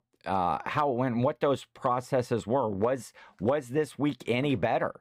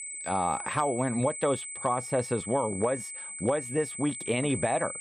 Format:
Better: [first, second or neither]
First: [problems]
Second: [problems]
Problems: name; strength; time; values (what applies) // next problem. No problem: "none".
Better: first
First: none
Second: high-pitched whine; loud; throughout; 8 kHz, 7 dB below the speech